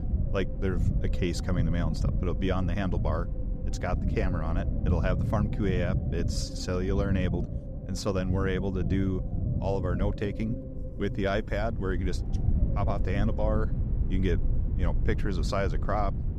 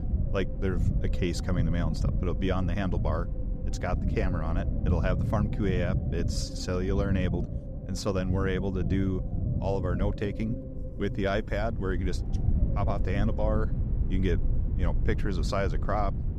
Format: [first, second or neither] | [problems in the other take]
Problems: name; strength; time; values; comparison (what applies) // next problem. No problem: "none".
neither | low rumble; loud; throughout; 9 dB below the speech; the same in both